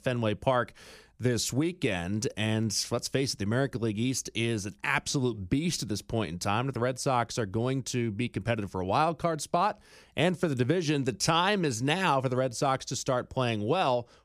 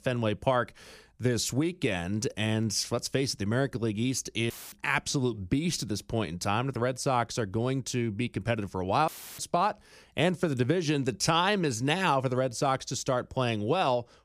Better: first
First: none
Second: audio cutting out; filled with static; at 4.5 s and at 9 s

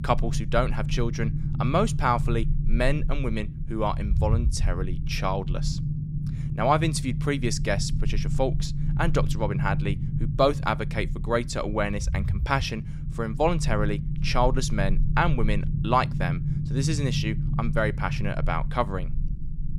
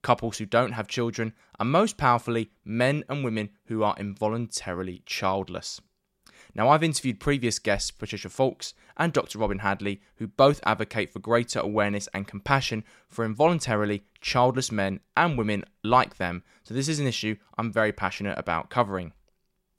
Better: second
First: low rumble; noticeable; throughout; 15 dB below the speech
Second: none

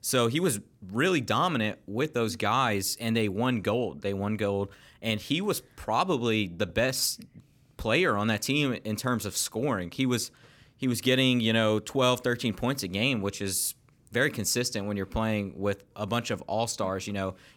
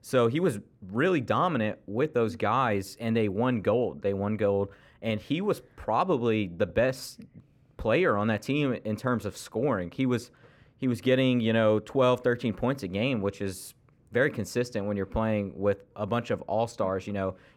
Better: first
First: none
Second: muffled; slightly; fading above 3 kHz

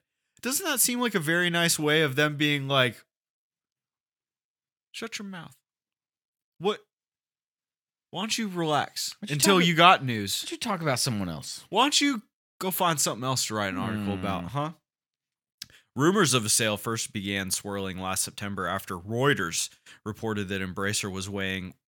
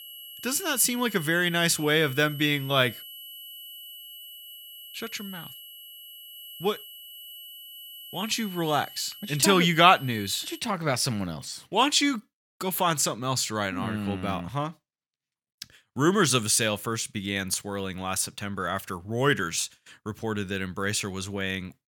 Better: first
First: none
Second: high-pitched whine; noticeable; until 11 s; 3 kHz, 15 dB below the speech

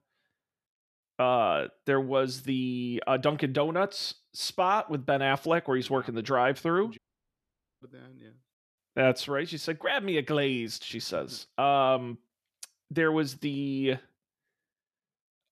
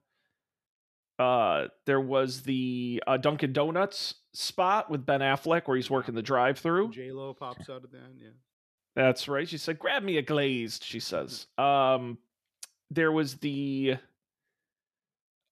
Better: second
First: audio cutting out; at 7 s for 1 s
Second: none

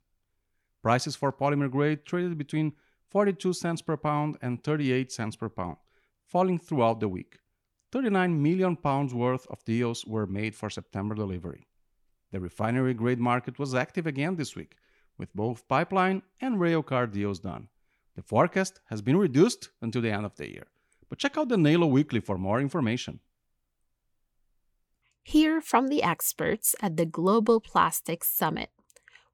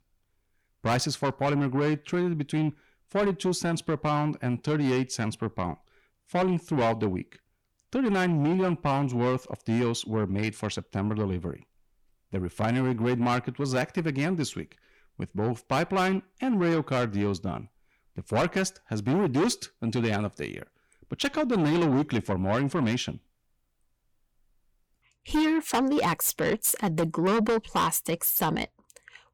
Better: first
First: none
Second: distortion; heavy; 7 dB below the speech

